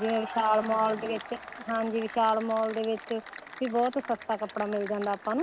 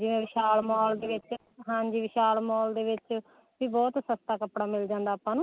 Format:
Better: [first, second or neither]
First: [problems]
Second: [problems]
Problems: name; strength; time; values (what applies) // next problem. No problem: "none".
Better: second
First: background sound (Applause / Cheering + Crowd); 14 dB below the speech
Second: none